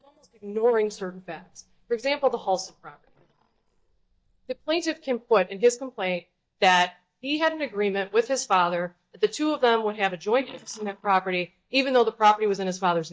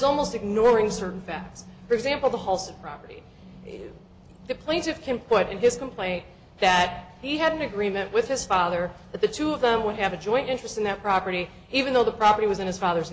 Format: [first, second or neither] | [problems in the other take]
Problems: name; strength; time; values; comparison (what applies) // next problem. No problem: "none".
second | noise reduction (neural mask model DeepFilterNet 3)